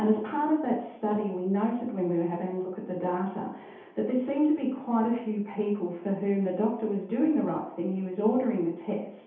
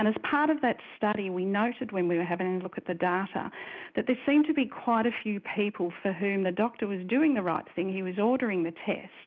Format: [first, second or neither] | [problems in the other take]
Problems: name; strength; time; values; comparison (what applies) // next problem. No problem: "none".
second | room echo; dies away in 0.8 s